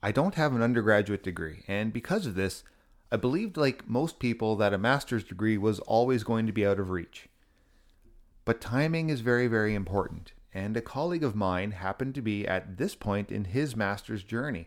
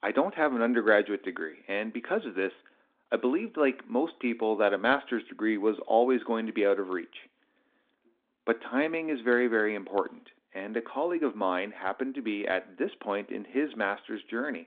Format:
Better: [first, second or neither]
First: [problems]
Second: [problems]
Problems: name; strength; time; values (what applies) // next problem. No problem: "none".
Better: first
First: none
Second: phone-call audio